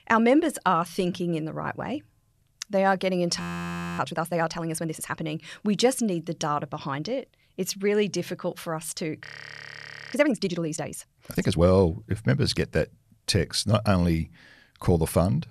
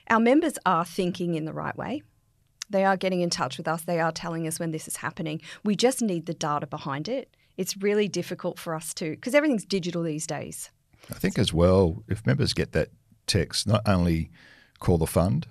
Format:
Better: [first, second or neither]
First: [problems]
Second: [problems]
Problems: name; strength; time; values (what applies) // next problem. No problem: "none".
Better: second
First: audio freezing; at 3.5 s for 0.5 s and at 9.5 s for 1 s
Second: none